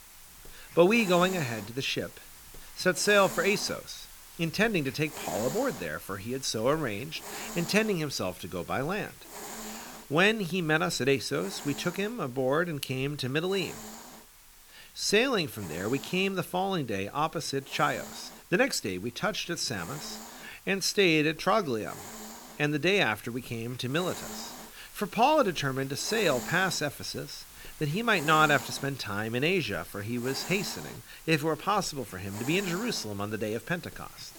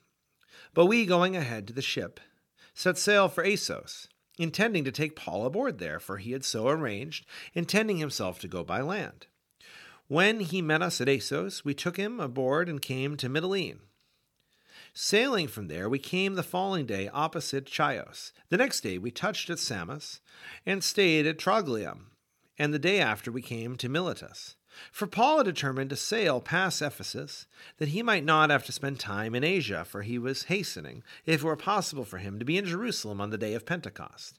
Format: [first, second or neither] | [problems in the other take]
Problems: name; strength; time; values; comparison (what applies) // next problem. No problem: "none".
second | hiss; noticeable; throughout; 15 dB below the speech